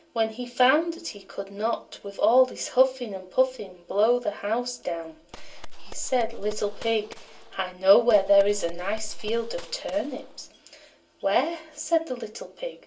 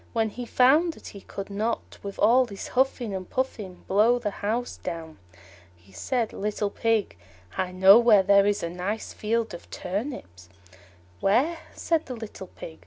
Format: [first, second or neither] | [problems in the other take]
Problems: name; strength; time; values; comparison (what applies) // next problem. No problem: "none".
second | background sound (Gunshot, gunfire); 8 dB below the speech // room echo; dies away in 0.2 s